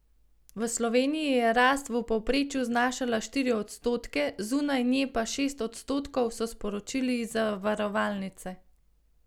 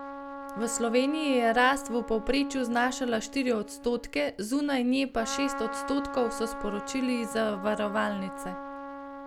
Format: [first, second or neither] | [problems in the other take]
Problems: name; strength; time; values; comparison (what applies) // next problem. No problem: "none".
first | background sound (Trumpet); 10 dB below the speech